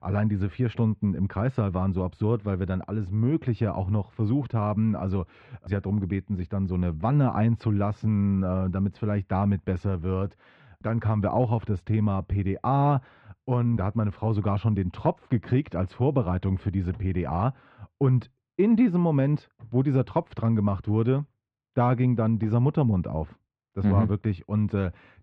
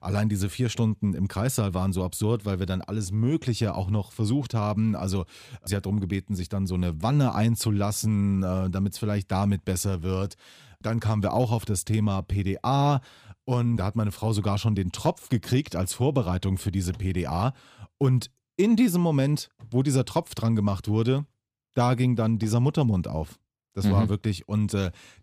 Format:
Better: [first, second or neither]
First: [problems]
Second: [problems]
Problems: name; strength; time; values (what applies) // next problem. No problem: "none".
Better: second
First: muffled; very; fading above 2 kHz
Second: none